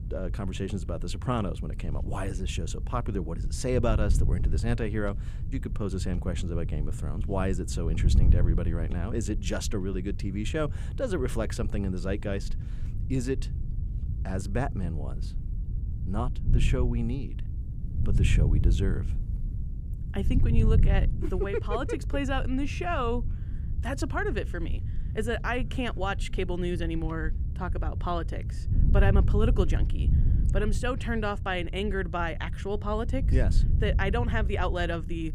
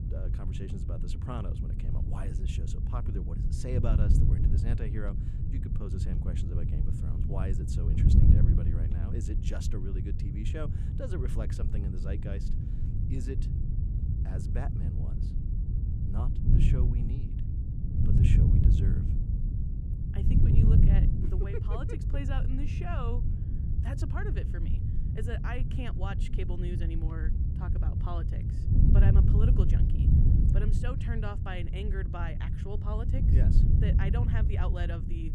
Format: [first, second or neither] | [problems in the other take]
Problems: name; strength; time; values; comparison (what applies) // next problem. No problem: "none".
first | wind noise on the microphone; heavy; as loud as the speech; occasional gusts in the first